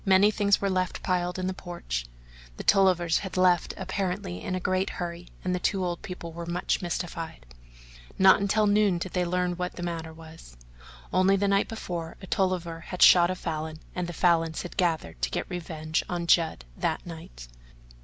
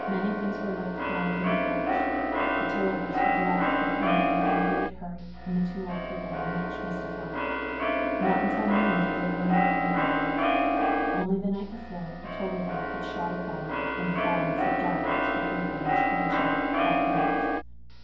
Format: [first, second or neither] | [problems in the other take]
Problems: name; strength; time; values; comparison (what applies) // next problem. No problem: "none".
first | background sound (Keyboard (musical)); 5 dB above the speech // room echo; dies away in 0.9 s